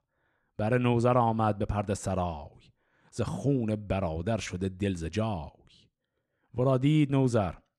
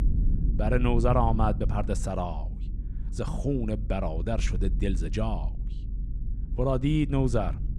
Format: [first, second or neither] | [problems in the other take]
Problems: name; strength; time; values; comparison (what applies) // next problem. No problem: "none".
first | low rumble; noticeable; throughout; 15 dB below the speech